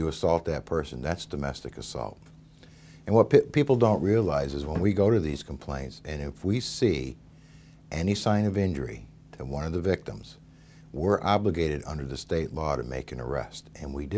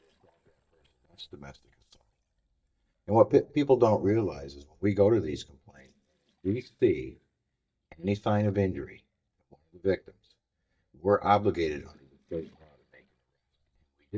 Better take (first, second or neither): first